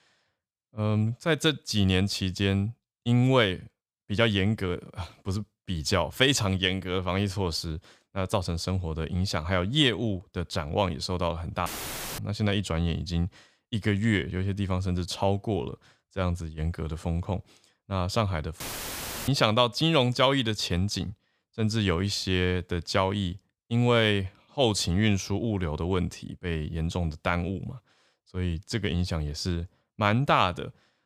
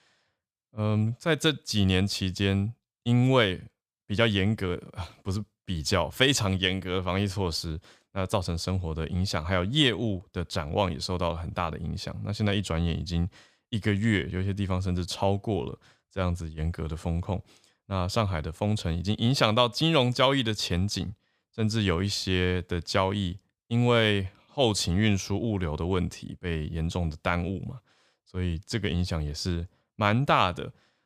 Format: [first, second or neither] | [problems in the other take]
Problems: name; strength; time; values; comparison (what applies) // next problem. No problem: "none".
second | audio cutting out; filled with static; at 12 s for 0.5 s and at 19 s for 0.5 s